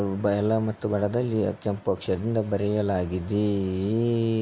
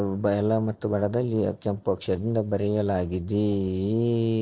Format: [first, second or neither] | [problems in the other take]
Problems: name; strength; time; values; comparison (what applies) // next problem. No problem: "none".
first | noise reduction (neural separator model SepFormer DNS4)